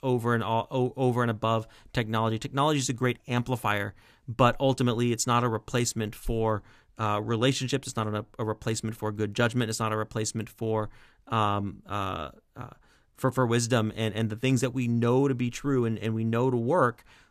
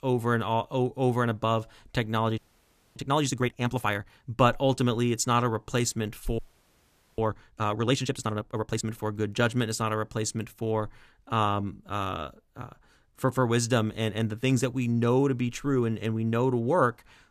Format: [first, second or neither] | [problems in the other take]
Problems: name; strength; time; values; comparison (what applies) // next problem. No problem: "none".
first | audio freezing; at 2.5 s for 0.5 s and at 6.5 s for 1 s